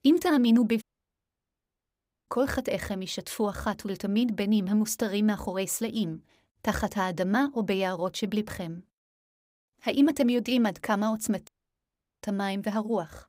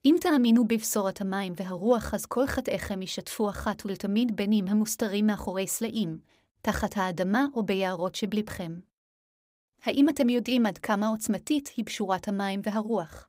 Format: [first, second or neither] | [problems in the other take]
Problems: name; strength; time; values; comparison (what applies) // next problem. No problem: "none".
second | audio cutting out; at 1 s for 1.5 s and at 11 s for 0.5 s